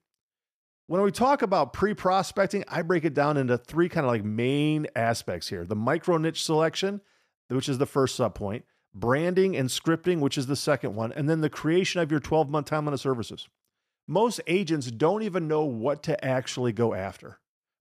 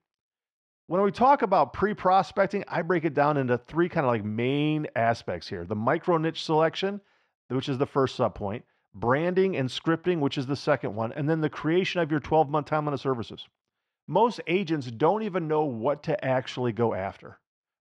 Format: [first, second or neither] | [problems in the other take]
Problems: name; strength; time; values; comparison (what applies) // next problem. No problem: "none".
first | muffled; slightly; fading above 3 kHz